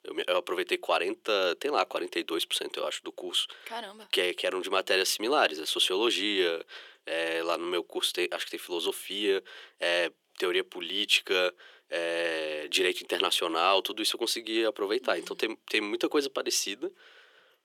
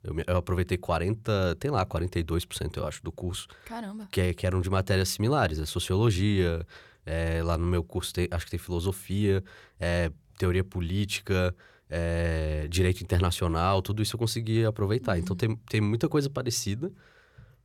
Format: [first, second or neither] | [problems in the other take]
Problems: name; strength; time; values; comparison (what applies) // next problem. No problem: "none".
second | thin; very; fading below 300 Hz